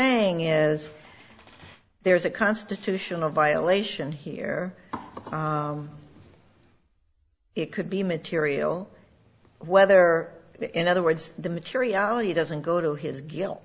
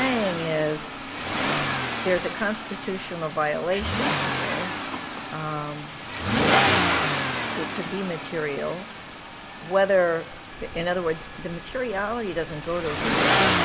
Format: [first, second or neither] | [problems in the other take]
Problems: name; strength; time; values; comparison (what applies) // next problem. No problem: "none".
first | background sound (Accelerating, revving, vroom); 1 dB above the speech